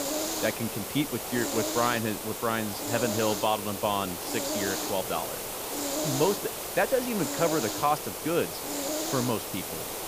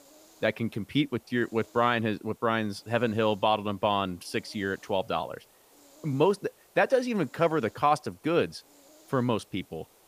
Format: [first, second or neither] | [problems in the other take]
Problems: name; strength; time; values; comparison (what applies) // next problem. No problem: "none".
second | hiss; loud; throughout; 2 dB below the speech; faint in the second